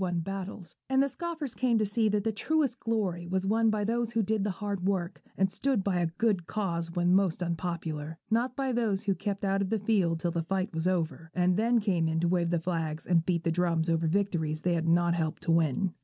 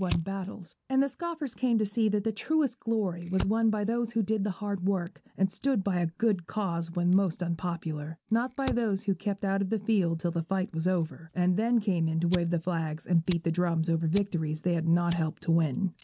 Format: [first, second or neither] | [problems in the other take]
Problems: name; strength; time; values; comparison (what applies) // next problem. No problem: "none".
first | background sound (Fire); 18 dB below the speech